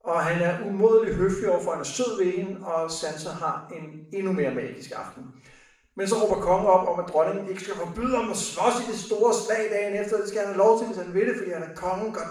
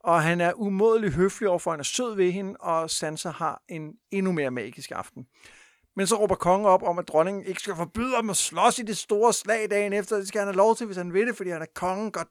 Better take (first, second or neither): second